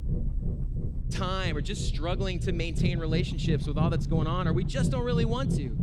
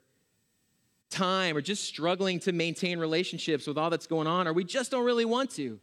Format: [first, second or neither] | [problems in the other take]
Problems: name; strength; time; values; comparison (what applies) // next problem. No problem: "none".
second | low rumble; loud; throughout; 7 dB below the speech